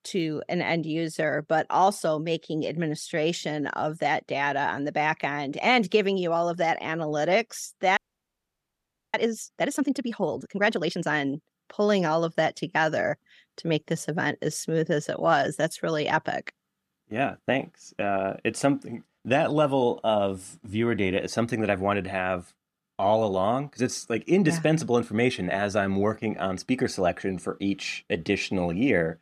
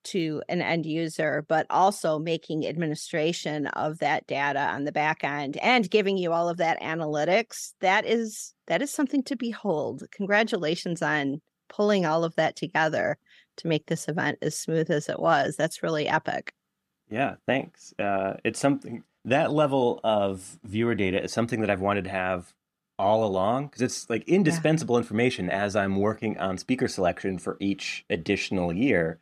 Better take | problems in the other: second | audio freezing; at 8 s for 1 s

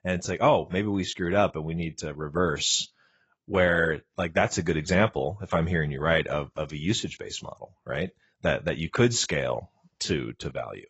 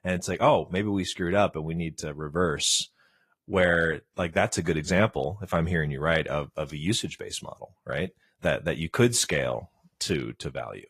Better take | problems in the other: second | garbled, watery; badly; nothing above 7.5 kHz; slightly in the second

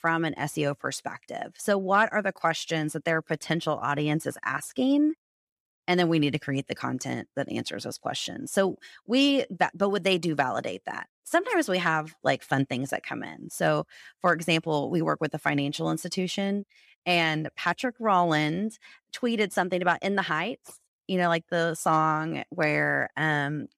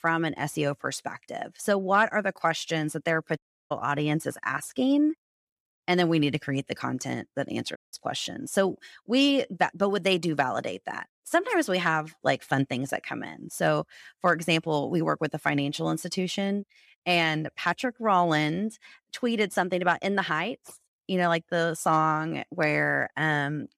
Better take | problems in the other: first | audio cutting out; at 3.5 s and at 8 s

